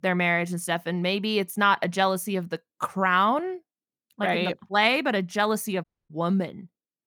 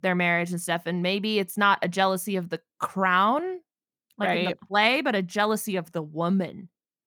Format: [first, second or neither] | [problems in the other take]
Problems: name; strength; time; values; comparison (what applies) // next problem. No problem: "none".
second | audio cutting out; at 6 s